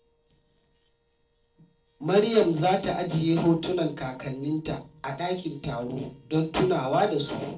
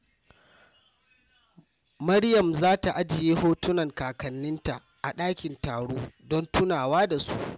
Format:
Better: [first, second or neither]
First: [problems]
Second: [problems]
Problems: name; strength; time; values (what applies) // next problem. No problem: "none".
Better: second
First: noise reduction (neural separator model SepFormer DNS4)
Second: none